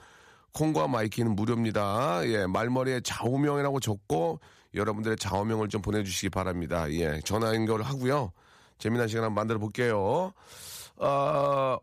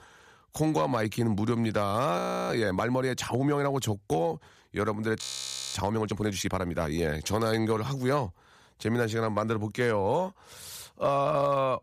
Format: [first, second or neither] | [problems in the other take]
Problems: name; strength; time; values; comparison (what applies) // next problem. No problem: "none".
first | audio freezing; at 2 s and at 5 s for 0.5 s